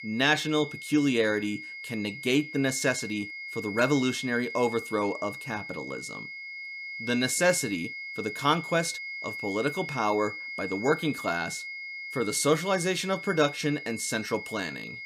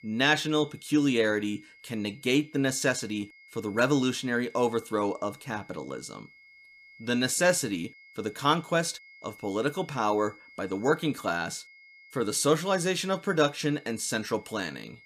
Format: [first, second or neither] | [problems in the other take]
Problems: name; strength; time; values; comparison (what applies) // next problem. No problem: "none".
second | high-pitched whine; loud; throughout; 2 kHz, 9 dB below the speech; faint in the second